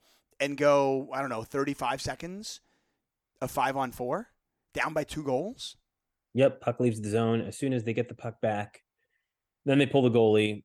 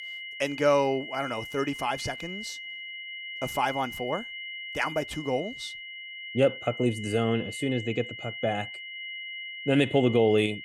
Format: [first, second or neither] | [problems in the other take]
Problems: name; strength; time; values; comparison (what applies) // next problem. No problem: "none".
first | high-pitched whine; loud; throughout; 2 kHz, 9 dB below the speech